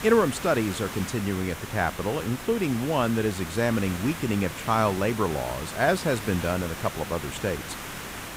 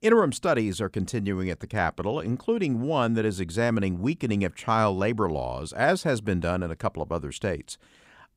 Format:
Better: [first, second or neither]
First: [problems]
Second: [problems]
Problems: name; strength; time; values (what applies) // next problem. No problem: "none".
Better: second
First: hiss; loud; throughout; 9 dB below the speech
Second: none